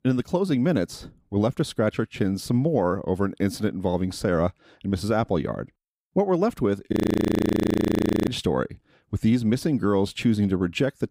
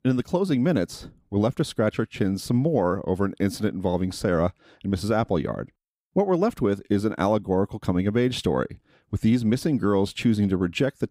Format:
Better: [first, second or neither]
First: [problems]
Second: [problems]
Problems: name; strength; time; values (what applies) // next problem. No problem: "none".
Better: second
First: audio freezing; at 7 s for 1.5 s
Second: none